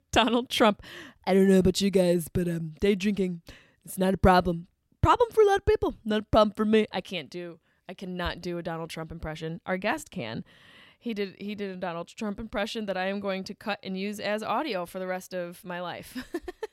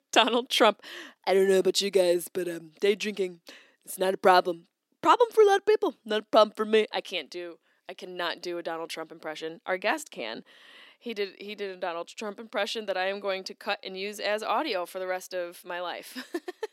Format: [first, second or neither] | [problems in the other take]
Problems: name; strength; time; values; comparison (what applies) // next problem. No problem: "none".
first | thin; somewhat; fading below 300 Hz